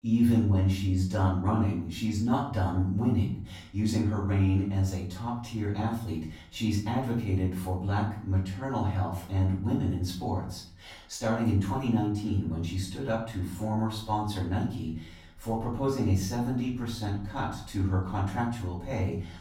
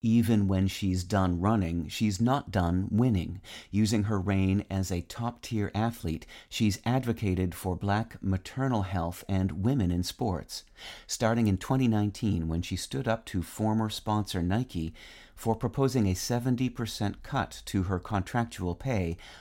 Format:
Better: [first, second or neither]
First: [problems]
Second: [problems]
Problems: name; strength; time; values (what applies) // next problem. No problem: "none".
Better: second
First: off-mic speech; far // room echo; noticeable; dies away in 0.5 s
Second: none